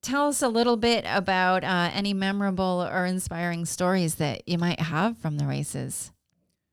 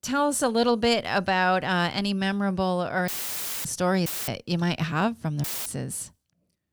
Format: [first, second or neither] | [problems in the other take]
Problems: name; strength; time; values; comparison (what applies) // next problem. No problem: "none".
first | audio cutting out; filled with static; at 3 s for 0.5 s, at 4 s and at 5.5 s